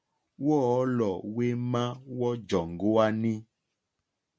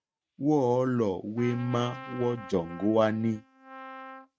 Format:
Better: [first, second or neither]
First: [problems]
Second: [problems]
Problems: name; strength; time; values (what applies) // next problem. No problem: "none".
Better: first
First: none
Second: noise reduction (neural mask model RNNoise)